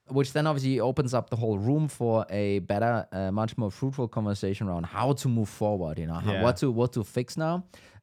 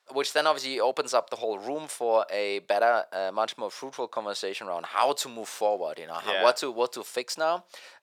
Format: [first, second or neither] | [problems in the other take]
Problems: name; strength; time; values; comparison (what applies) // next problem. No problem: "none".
first | thin; very; fading below 550 Hz